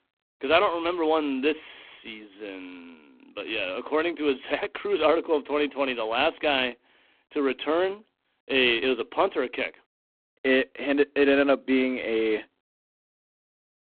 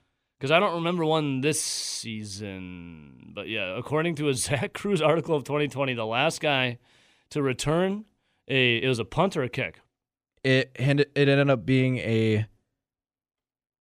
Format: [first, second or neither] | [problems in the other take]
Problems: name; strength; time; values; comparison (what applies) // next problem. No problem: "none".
second | phone-call audio; poor line